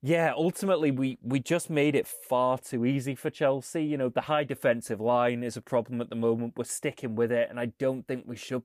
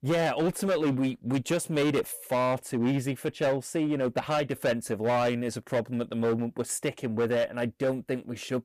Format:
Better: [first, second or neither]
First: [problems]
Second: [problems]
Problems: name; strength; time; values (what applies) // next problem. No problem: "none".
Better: first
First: none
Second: distortion; slight; 13% of the sound clipped